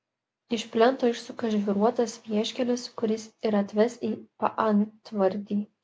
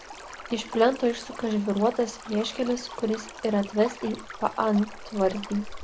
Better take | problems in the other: first | background sound (Stream); 14 dB below the speech

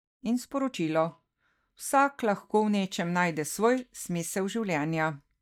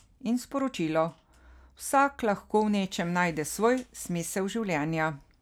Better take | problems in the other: second | noise reduction (neural mask model DeepFilterNet 3)

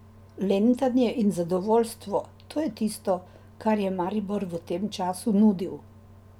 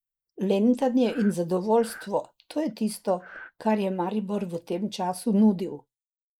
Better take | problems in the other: first | noise reduction (neural mask model Resemble Enhance denoiser)

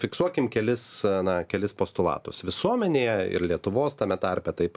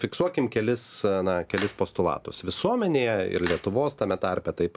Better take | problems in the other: first | background sound (Splash, splatter); 15 dB below the speech

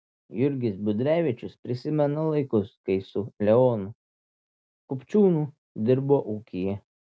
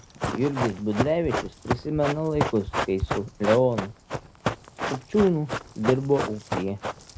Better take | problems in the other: first | background sound (Run); 5 dB below the speech

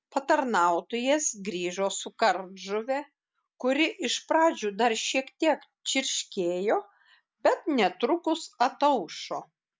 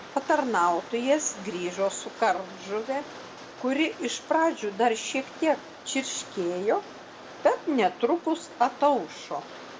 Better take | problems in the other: first | background sound (Rain); 16 dB below the speech // room echo; dies away in 1.1 s

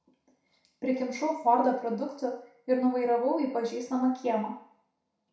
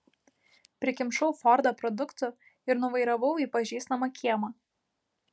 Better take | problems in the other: second | room echo; dies away in 0.6 s

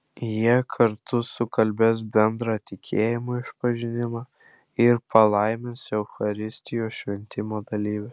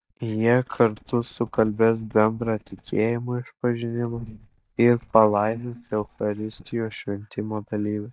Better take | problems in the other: first | noise reduction (neural mask model DeepFilterNet 3)

